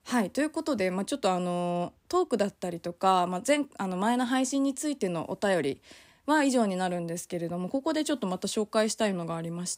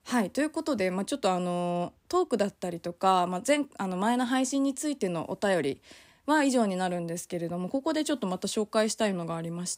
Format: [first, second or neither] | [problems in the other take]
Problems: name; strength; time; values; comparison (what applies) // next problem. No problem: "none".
neither | none